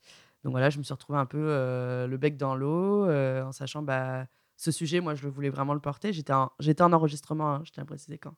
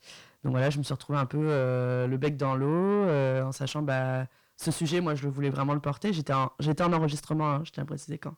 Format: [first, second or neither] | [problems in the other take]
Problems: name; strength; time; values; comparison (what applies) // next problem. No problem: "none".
first | distortion; heavy; 7 dB below the speech